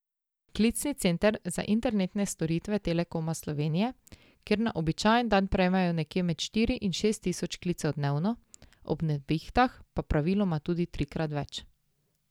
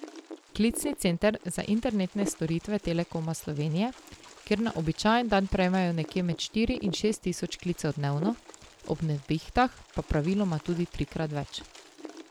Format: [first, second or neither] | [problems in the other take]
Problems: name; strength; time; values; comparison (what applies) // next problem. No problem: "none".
first | background sound (Wind); 16 dB below the speech